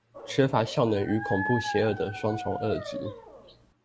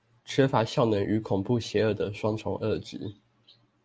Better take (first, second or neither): second